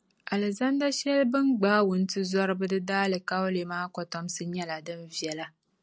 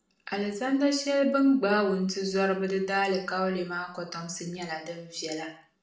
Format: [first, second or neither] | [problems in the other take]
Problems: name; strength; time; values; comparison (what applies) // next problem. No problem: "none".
first | room echo; dies away in 0.5 s